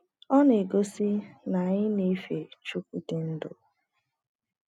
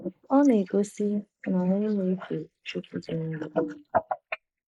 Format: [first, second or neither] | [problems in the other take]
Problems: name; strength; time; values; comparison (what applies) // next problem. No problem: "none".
first | noise reduction (neural mask model Resemble Enhance denoiser)